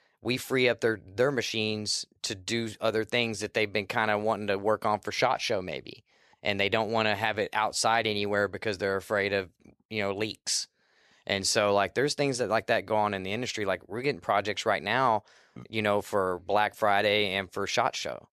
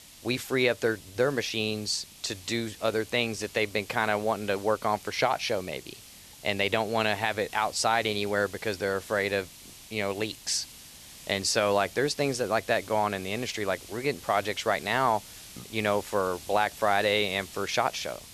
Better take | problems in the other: first | hiss; noticeable; throughout; 15 dB below the speech

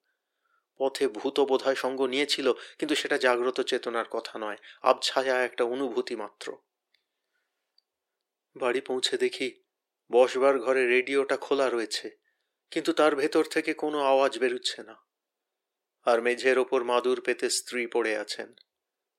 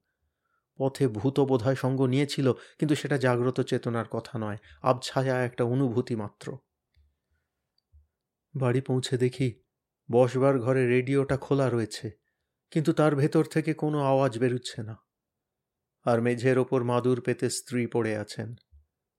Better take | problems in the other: second | thin; somewhat; fading below 350 Hz

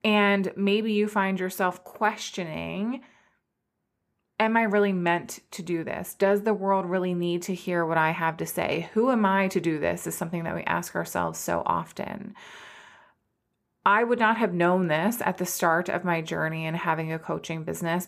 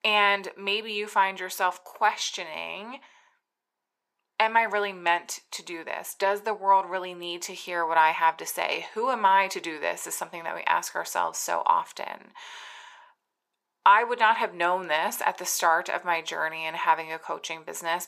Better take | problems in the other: first | thin; very; fading below 550 Hz

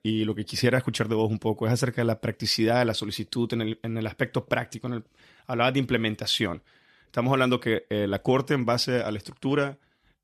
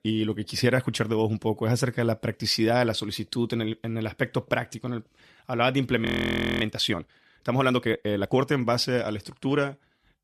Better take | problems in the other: first | audio freezing; at 6 s for 0.5 s

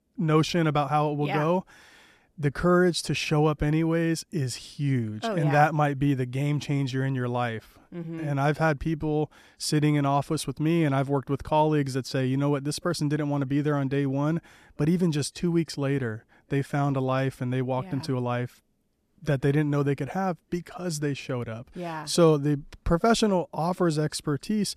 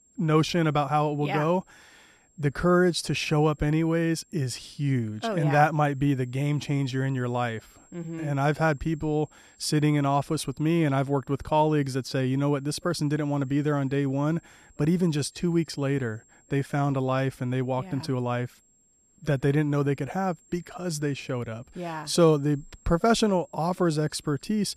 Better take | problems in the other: first | high-pitched whine; faint; throughout; 7.5 kHz, 35 dB below the speech

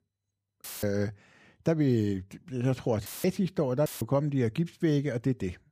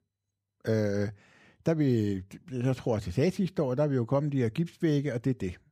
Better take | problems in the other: second | audio cutting out; filled with static; at 0.5 s, at 3 s and at 4 s

